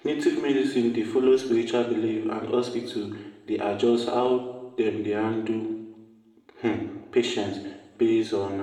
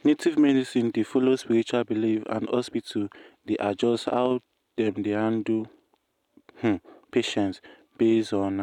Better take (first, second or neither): second